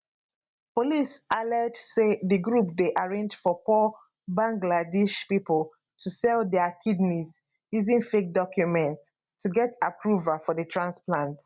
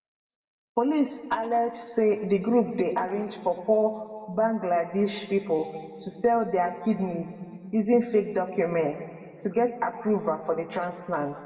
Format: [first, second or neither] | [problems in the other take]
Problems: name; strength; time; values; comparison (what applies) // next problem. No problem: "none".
first | room echo; dies away in 1.9 s